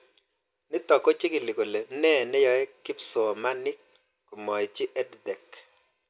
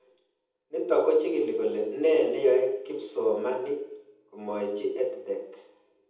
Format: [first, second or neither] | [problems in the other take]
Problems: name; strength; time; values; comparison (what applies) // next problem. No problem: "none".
first | room echo; dies away in 0.8 s